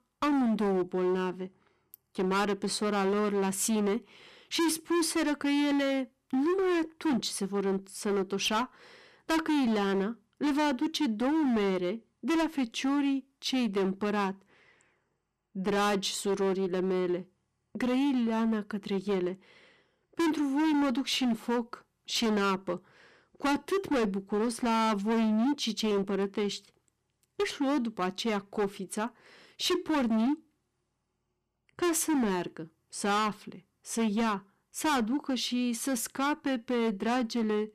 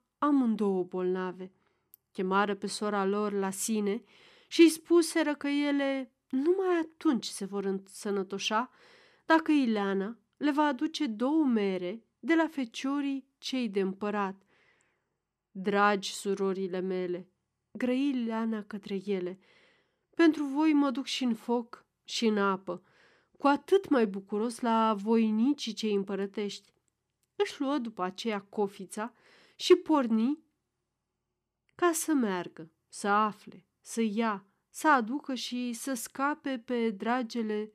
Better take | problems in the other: second | distortion; heavy; 17% of the sound clipped

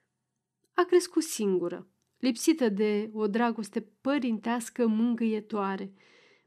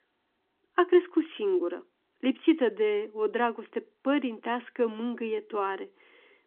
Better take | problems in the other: first | phone-call audio

